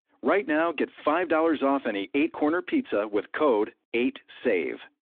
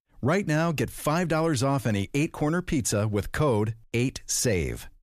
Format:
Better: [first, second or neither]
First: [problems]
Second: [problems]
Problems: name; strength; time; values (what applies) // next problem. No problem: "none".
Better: second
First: phone-call audio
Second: none